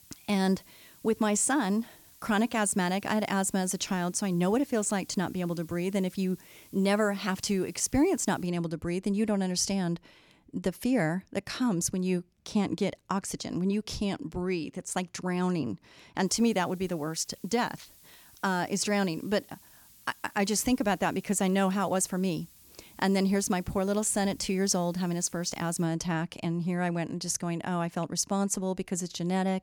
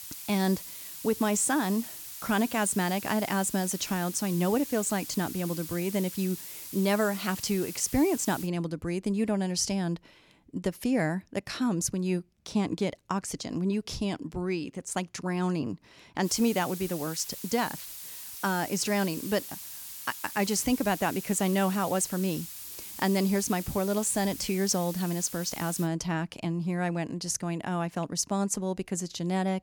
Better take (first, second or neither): first